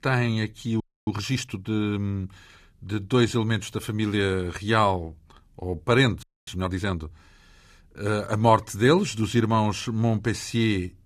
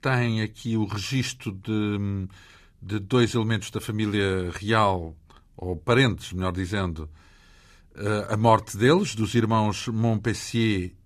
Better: second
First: audio freezing; at 1 s and at 6 s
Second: none

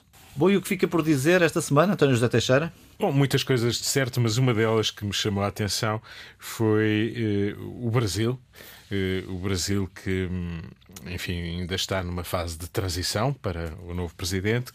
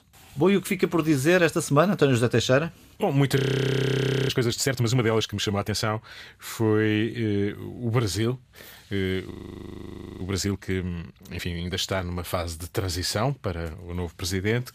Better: first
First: none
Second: audio freezing; at 3.5 s for 1 s and at 9.5 s for 1 s

